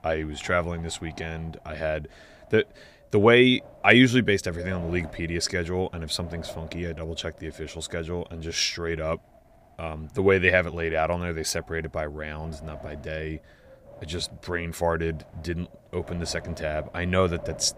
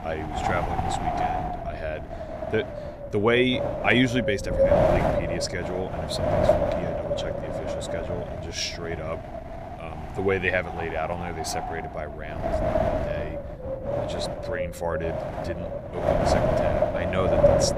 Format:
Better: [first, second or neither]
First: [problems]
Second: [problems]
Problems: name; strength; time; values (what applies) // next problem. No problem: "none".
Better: first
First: wind noise on the microphone; occasional gusts; 20 dB below the speech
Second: wind noise on the microphone; heavy; 3 dB above the speech